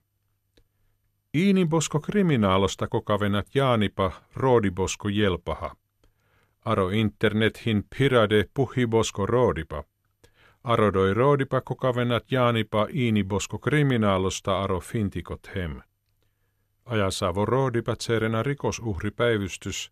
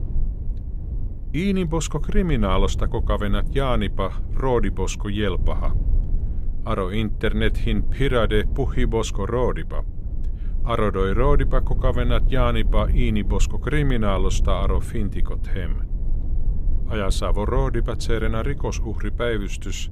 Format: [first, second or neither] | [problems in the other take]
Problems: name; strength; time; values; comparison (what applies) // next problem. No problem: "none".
first | low rumble; noticeable; throughout; 20 dB below the speech